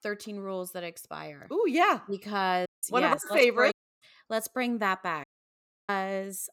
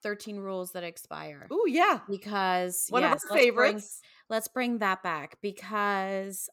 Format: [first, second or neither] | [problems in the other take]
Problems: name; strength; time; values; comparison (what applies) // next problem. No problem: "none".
second | audio cutting out; at 2.5 s, at 3.5 s and at 5 s for 0.5 s